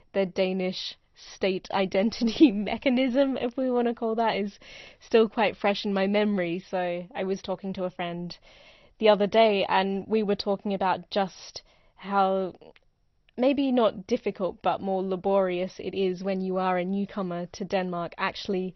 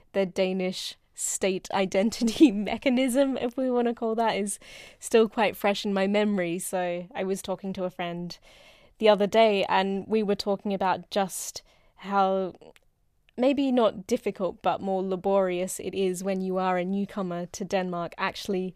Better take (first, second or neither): second